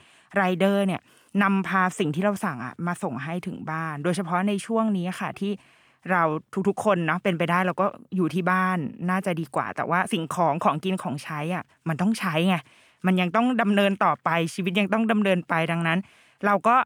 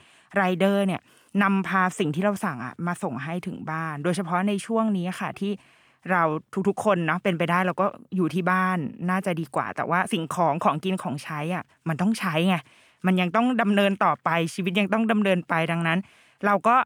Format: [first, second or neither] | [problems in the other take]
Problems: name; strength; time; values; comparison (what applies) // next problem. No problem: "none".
neither | none